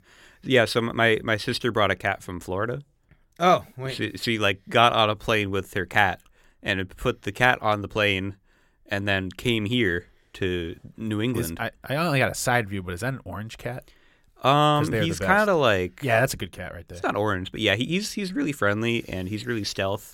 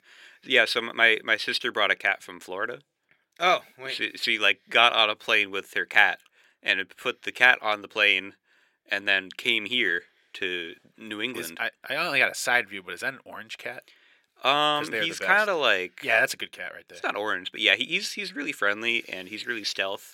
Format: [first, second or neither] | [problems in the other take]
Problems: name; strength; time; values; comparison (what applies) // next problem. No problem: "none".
first | thin; somewhat; fading below 350 Hz